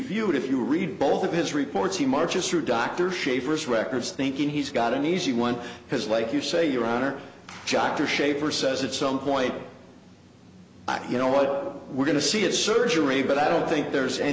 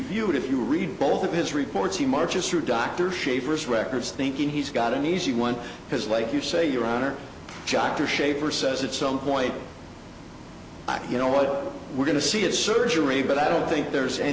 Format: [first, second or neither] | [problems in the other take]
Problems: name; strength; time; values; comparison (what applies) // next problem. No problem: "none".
first | background sound (Bus); 18 dB below the speech